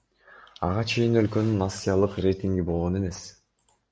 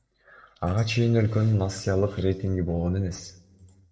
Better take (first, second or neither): first